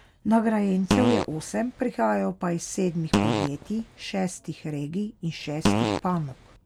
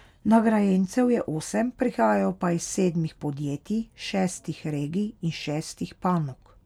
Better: second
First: background sound (Fart); as loud as the speech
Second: none

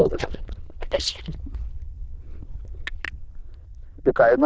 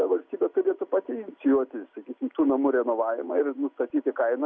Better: second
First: noise reduction (neural diffusion model UNIVERSE++)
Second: none

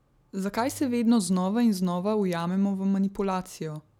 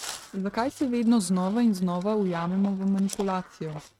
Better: first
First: none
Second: noise reduction (neural mask model RNNoise)

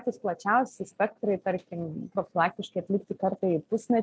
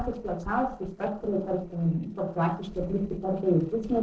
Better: first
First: none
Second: noise reduction (neural separator model SepFormer DNS4)

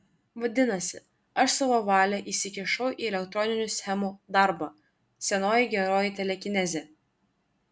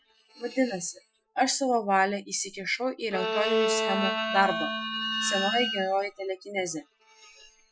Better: first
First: none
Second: noise reduction (classical method Wiener filter)

